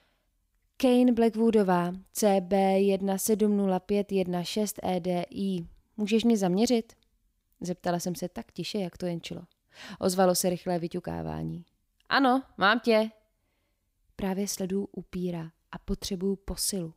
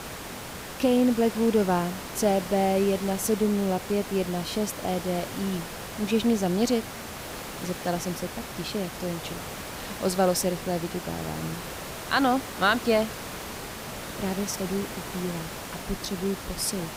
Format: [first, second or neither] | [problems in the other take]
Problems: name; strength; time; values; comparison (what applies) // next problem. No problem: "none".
first | hiss; loud; throughout; 9 dB below the speech